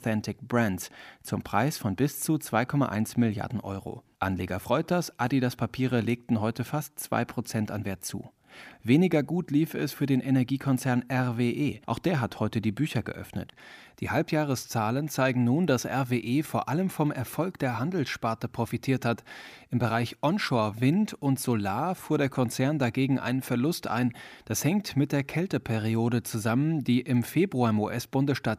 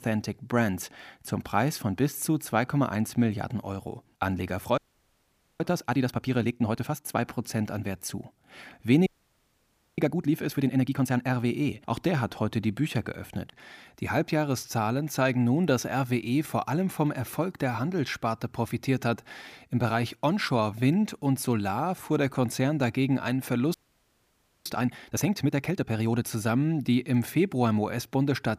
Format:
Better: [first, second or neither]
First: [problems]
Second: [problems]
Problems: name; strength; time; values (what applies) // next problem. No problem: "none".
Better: first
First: none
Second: audio freezing; at 5 s for 1 s, at 9 s for 1 s and at 24 s for 1 s